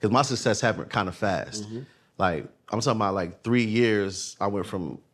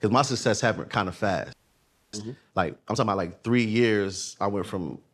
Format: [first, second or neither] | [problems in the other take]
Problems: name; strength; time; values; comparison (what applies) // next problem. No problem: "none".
first | audio freezing; at 1.5 s for 0.5 s